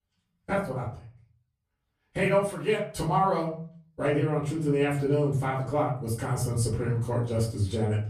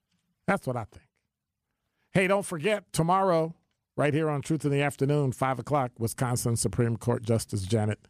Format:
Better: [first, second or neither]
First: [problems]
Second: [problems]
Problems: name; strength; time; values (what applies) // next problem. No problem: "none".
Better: second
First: off-mic speech; far // room echo; slight; dies away in 0.5 s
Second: none